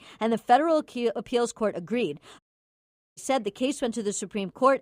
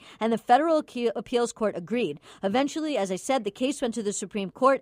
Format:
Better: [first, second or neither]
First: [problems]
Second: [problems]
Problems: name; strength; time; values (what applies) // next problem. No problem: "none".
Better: second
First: audio cutting out; at 2.5 s for 1 s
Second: none